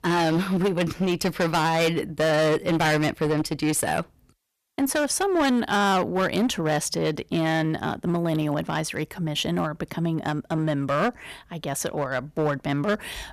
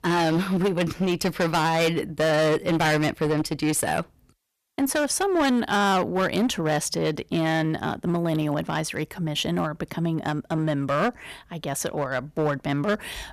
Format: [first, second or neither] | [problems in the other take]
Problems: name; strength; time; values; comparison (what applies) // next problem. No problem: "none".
neither | distortion; heavy; 11% of the sound clipped; the same in both